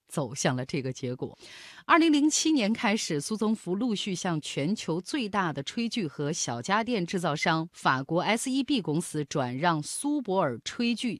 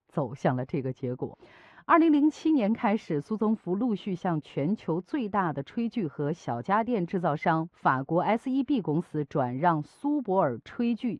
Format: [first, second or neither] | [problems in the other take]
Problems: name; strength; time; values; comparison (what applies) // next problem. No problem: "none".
first | muffled; very; fading above 3 kHz